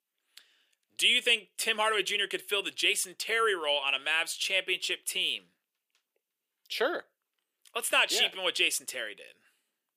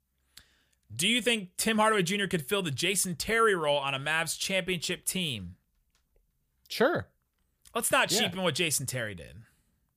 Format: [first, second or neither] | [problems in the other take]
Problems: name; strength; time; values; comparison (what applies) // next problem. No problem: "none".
second | thin; very; fading below 350 Hz